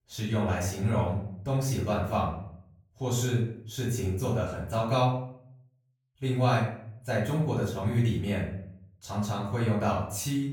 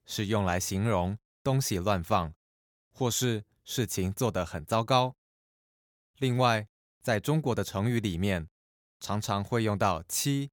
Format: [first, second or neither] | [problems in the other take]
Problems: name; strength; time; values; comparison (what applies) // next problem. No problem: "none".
second | off-mic speech; far // room echo; noticeable; dies away in 0.6 s